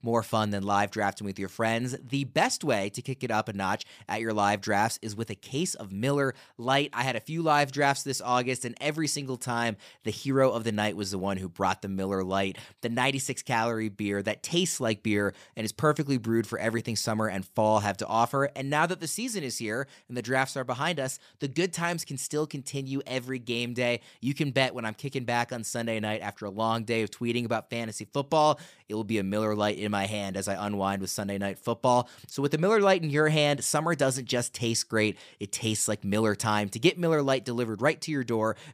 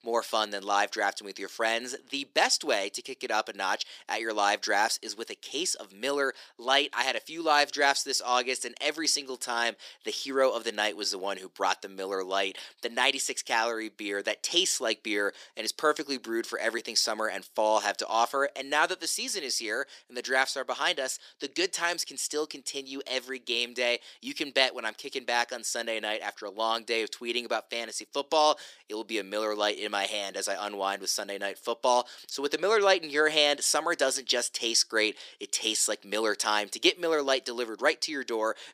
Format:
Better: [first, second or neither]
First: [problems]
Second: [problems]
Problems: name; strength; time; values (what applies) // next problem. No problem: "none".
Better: first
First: none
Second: thin; somewhat; fading below 350 Hz